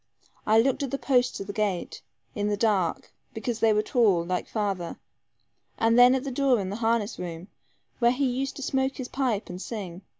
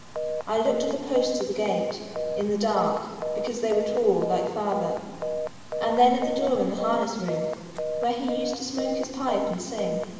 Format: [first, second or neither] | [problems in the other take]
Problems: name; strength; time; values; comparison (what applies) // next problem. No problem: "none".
first | background sound (Telephone); 4 dB below the speech // room echo; dies away in 1.7 s